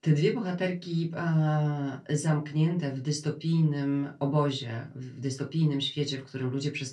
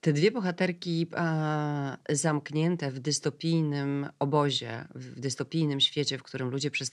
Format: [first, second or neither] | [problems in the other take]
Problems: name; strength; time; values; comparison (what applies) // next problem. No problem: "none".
second | off-mic speech; far // room echo; very slight; dies away in 0.2 s